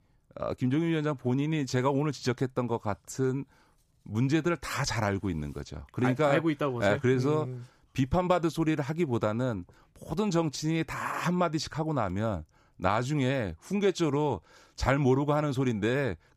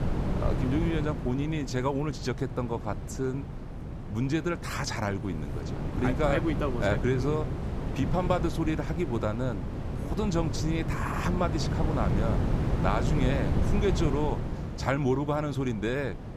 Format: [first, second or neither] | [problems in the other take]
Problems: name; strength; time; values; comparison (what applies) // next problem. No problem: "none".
first | wind noise on the microphone; heavy; 7 dB below the speech